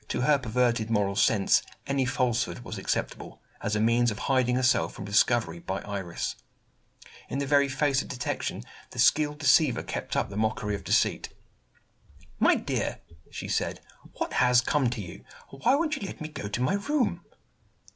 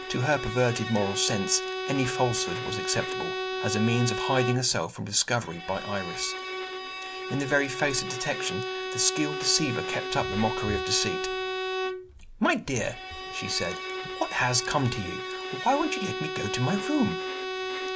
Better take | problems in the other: first | background sound (Bowed string instrument); 4 dB below the speech

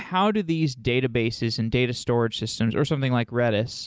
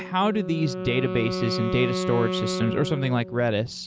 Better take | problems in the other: first | background sound (Wind instrument, woodwind instrument); 5 dB below the speech

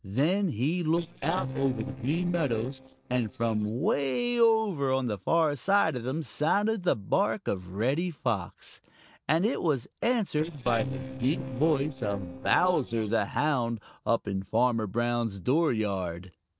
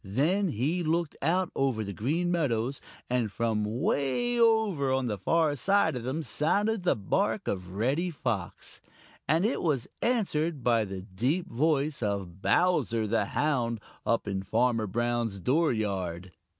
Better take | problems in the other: second | noise reduction (neural separator model SepFormer DNS4)

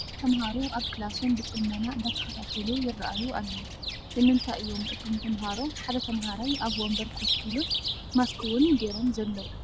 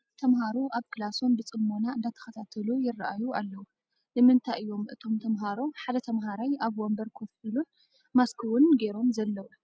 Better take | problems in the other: second | background sound (Chirp, tweet); 6 dB below the speech

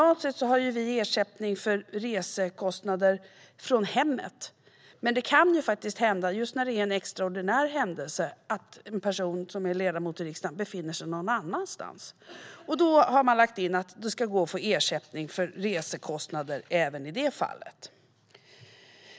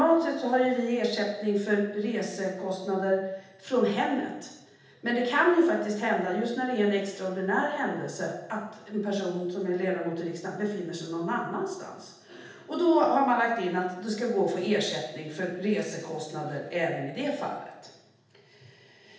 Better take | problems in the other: first | room echo; dies away in 0.8 s

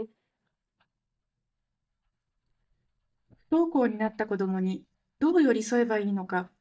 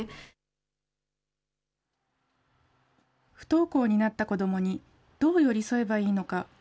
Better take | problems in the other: second | noise reduction (neural mask model DeepFilterNet 3)

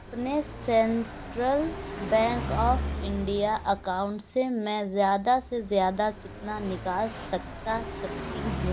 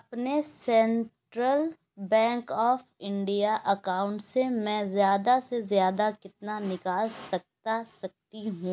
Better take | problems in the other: second | background sound (Car passing by); 8 dB below the speech

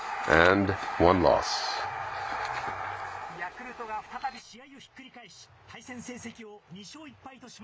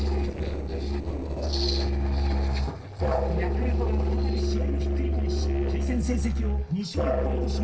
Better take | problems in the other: first | noise reduction (neural separator model SepFormer DNS4)

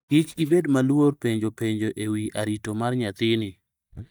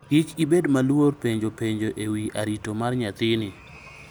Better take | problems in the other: second | noise reduction (neural mask model DeepFilterNet 3)

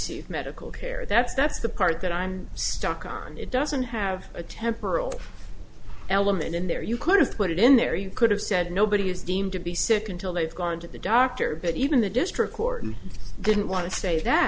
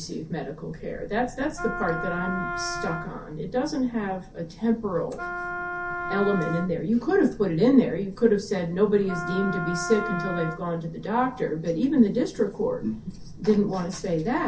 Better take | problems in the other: first | background sound (Wind instrument, woodwind instrument); 7 dB below the speech // room echo; dies away in 0.3 s

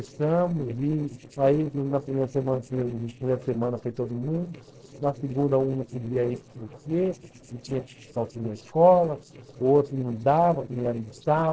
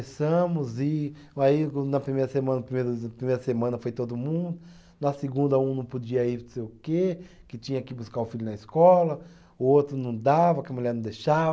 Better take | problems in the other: second | noise reduction (neural separator model SepFormer DNS4)

